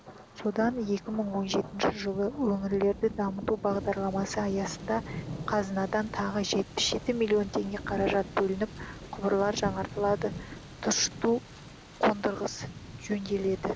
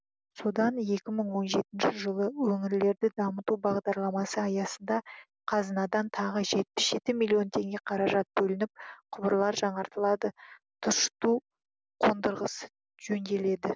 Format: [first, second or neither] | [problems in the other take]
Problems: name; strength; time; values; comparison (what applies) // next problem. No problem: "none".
second | background sound (Thunder); 12 dB below the speech